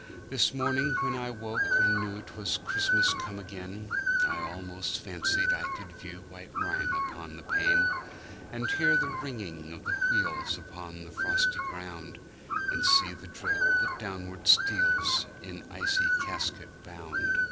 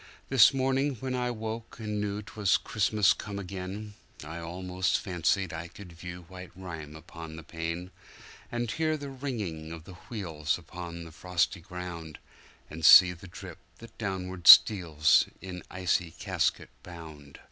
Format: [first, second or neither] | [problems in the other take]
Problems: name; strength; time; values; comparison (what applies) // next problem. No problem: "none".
second | background sound (Bird); 4 dB above the speech